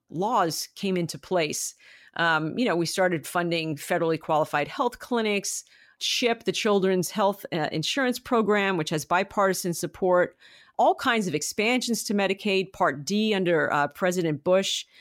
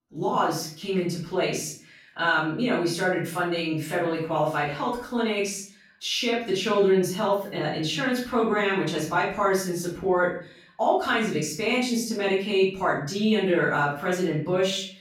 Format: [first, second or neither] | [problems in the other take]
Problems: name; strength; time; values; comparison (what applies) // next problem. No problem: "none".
first | room echo; noticeable; dies away in 0.5 s // off-mic speech; far